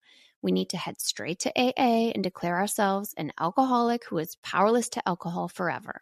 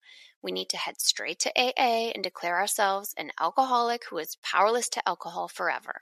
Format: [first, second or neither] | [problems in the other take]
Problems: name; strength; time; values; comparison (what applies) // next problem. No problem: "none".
first | thin; somewhat; fading below 550 Hz